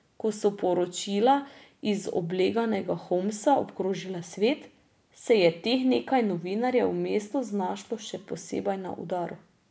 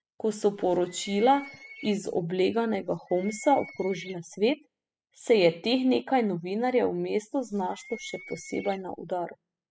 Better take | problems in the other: first | noise reduction (classical method spectral subtraction)

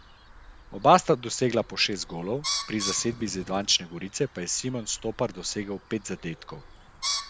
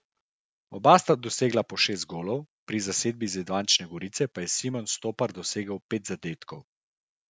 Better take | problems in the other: second | background sound (Bird); 11 dB below the speech

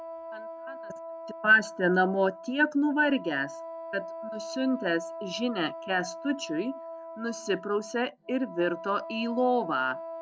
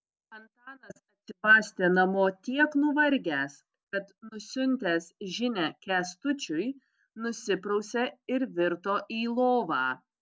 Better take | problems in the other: second | background sound (Wind instrument, woodwind instrument); 11 dB below the speech

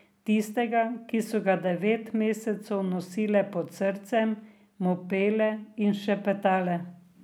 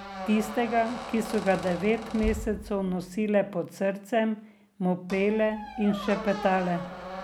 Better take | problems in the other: first | background sound (Squeak); 12 dB below the speech

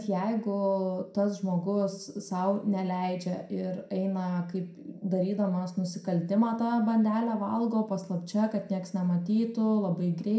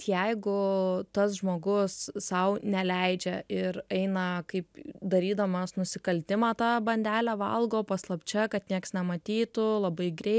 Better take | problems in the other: second | room echo; dies away in 0.5 s

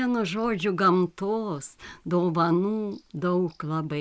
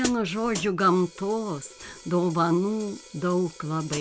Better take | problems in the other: first | background sound (Hi-hat); 14 dB below the speech

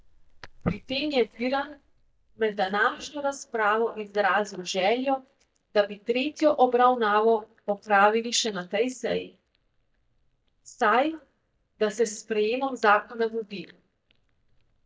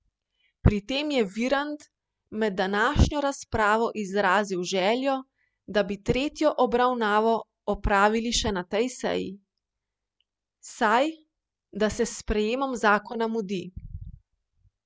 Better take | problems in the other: second | noise reduction (neural mask model DeepFilterNet 3)

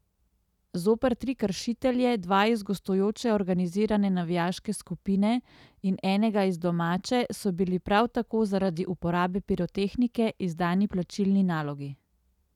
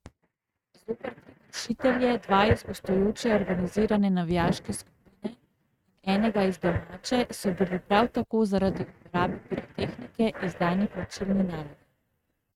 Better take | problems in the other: first | noise reduction (neural mask model RNNoise)

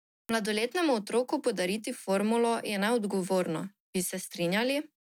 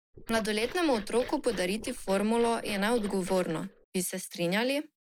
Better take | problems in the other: first | noise reduction (neural mask model Resemble Enhance denoiser)

